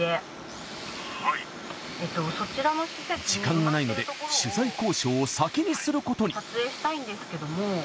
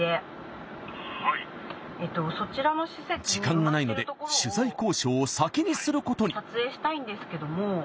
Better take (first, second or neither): second